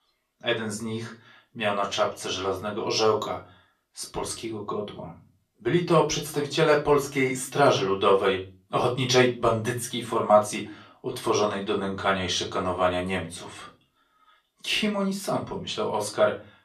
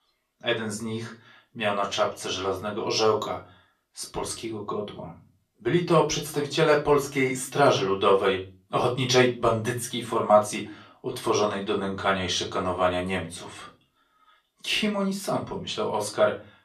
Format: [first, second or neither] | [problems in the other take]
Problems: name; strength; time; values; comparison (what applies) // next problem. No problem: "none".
neither | off-mic speech; far; the same in both // room echo; very slight; dies away in 0.3 s; the same in both